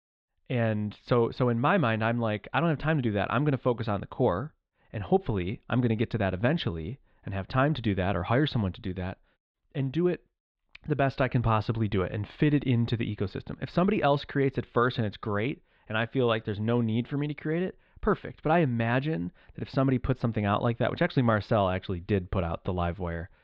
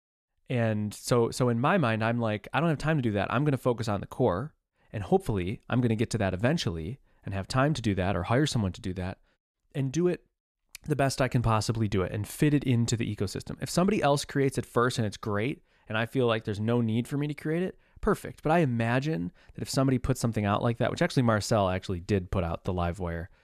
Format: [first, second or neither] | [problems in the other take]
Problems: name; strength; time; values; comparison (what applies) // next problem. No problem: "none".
second | muffled; slightly; fading above 3.5 kHz